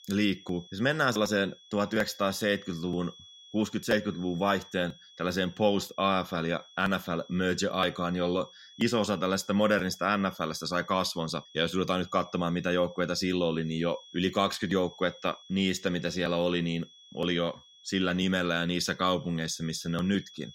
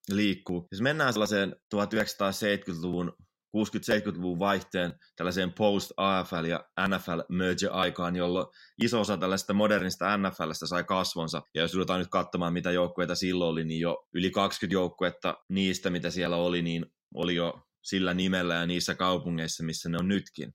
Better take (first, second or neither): second